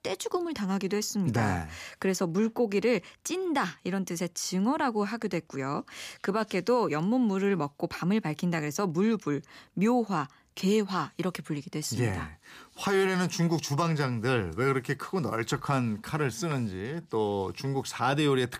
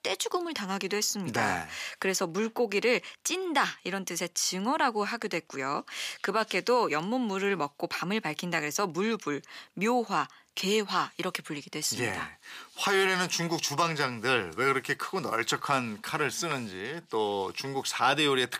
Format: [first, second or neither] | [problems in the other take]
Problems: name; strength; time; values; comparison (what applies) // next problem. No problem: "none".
first | thin; somewhat; fading below 650 Hz